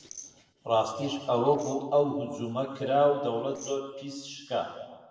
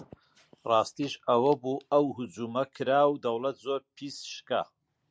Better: second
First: noise reduction (neural separator model SepFormer DNS4)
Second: none

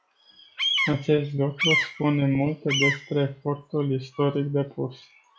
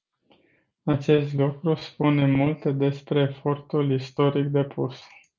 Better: second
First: noise reduction (classical method log-MMSE)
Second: none

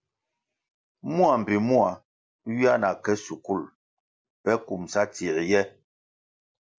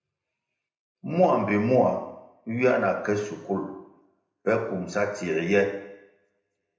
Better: first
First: none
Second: room echo; dies away in 0.8 s

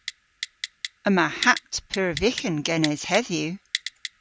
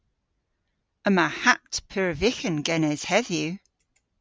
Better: second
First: background sound (Typing); 10 dB below the speech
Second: none

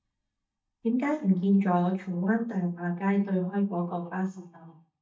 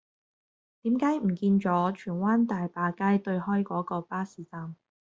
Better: second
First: noise reduction (neural mask model DeepFilterNet 3)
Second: none

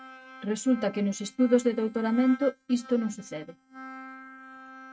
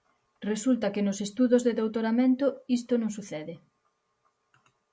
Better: second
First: noise reduction (neural mask model RNNoise)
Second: none

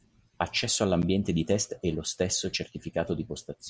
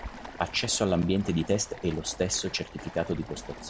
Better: first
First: none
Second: background sound (Stream); 14 dB below the speech

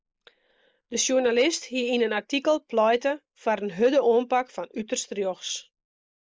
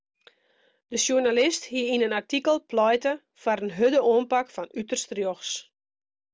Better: second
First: noise reduction (neural mask model Resemble Enhance denoiser)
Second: none

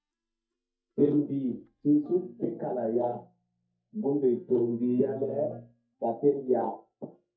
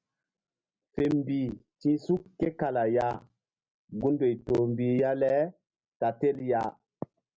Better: second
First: noise reduction (neural mask model DeepFilterNet 3)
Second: none

